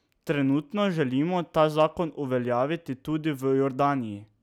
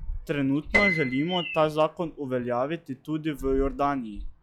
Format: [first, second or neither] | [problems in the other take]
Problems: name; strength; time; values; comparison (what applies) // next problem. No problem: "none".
first | noise reduction (classical method log-MMSE)